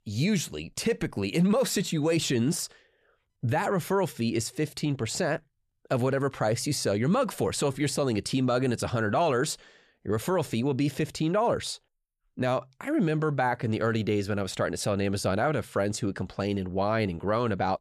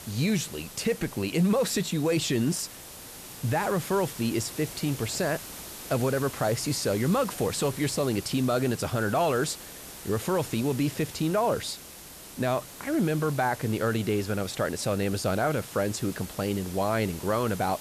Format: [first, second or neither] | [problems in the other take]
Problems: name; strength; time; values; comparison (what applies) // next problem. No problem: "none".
first | hiss; noticeable; throughout; 15 dB below the speech